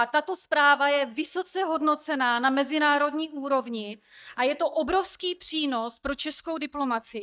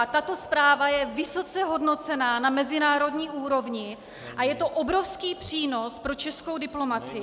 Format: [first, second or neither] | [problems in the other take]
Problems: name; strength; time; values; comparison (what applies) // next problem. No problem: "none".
second | noise reduction (neural mask model DeepFilterNet 3)